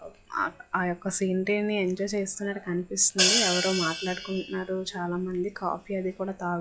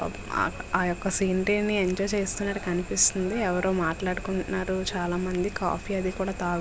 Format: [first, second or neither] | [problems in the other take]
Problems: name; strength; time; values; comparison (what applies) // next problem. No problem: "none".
second | noise reduction (classical method log-MMSE)